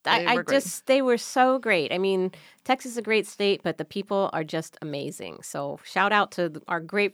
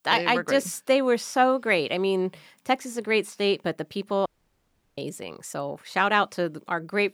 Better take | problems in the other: first | audio cutting out; at 4.5 s for 0.5 s

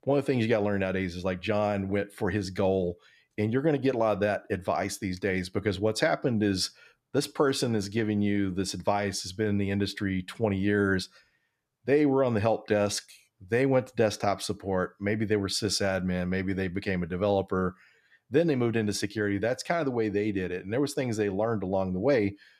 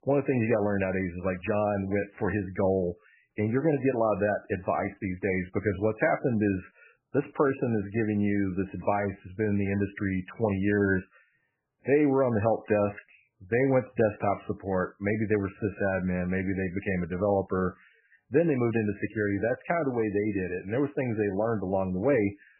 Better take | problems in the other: first | garbled, watery; badly; nothing above 2.5 kHz

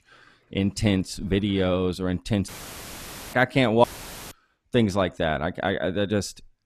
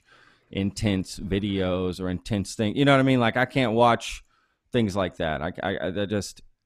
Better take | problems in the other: second | audio cutting out; filled with static; at 2.5 s for 1 s and at 4 s

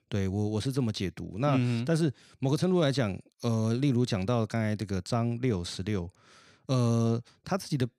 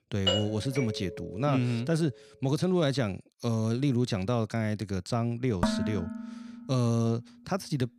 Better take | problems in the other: first | doorbell; loud; at 0.5 s; peak 2 dB above the speech // clattering dishes; loud; at 5.5 s; peak level with the speech

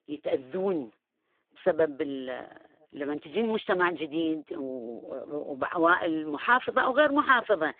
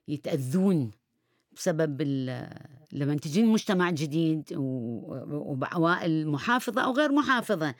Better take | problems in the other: second | phone-call audio; poor line

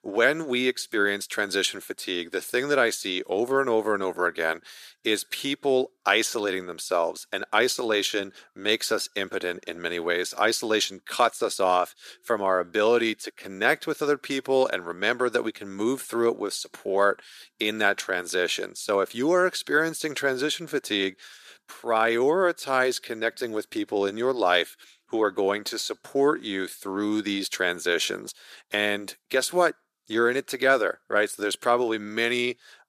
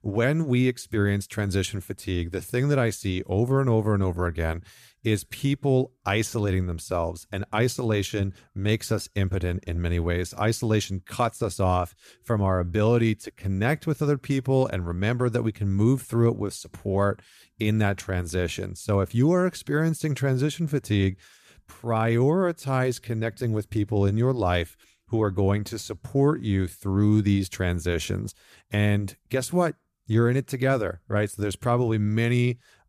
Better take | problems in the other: second | thin; very; fading below 350 Hz

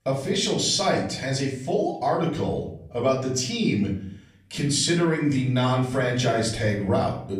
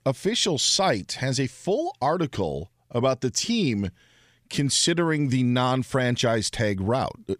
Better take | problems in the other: second | off-mic speech; far // room echo; slight; dies away in 0.5 s

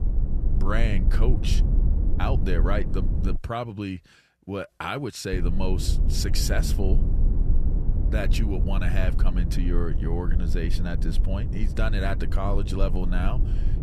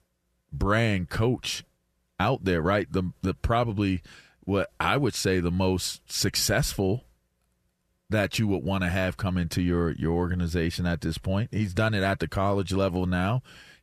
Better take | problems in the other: second | low rumble; loud; until 3.5 s and from 5.5 s on; 9 dB below the speech

